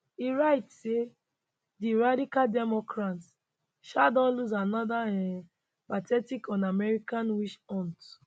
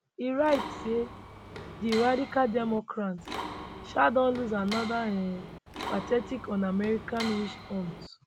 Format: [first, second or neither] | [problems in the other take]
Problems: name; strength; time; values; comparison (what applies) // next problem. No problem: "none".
first | background sound (Mechanisms); 10 dB below the speech